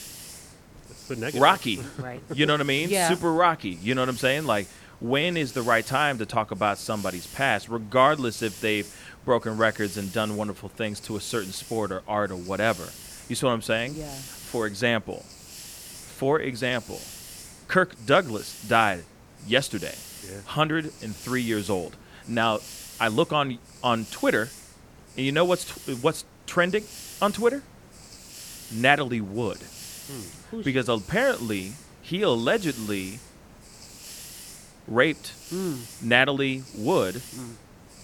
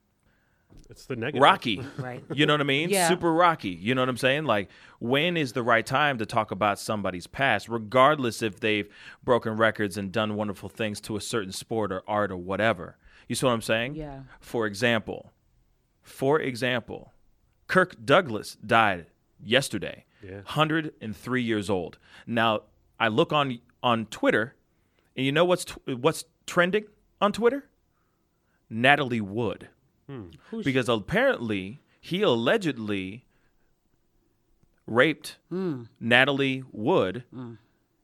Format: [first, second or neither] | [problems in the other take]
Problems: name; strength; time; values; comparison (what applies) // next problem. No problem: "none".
second | hiss; noticeable; throughout; 15 dB below the speech